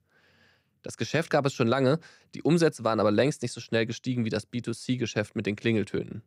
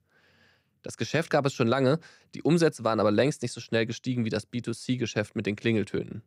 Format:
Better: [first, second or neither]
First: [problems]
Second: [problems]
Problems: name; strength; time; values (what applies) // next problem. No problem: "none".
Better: neither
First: none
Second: none